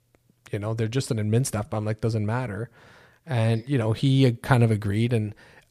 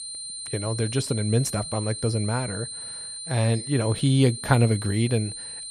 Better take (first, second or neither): first